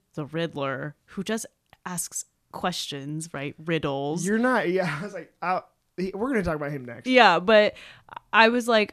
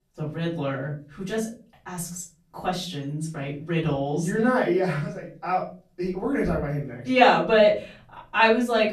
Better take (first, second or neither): first